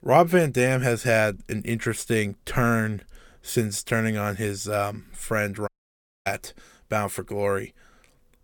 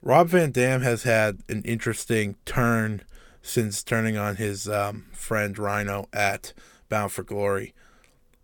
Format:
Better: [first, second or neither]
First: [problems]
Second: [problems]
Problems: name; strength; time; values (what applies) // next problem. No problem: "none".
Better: second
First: audio cutting out; at 5.5 s for 0.5 s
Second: none